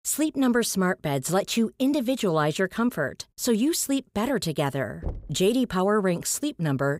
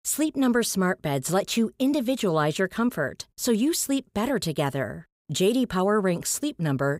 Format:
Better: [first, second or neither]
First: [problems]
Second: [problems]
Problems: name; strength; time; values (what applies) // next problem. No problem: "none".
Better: second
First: door banging; faint; at 5 s; peak 10 dB below the speech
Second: none